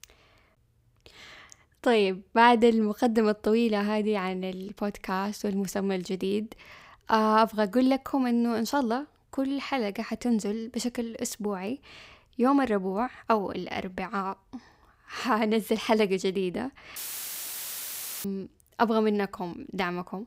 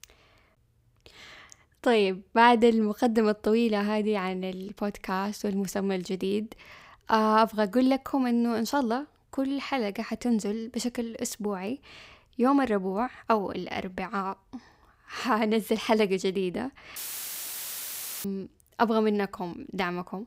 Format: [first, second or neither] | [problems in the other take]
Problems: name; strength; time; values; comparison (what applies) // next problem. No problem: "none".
neither | audio cutting out; filled with static; at 17 s for 1.5 s; the same in both